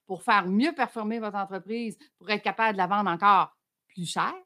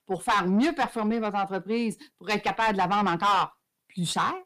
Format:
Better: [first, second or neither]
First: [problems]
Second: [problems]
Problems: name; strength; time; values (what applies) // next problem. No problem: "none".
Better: first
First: none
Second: distortion; heavy; 6 dB below the speech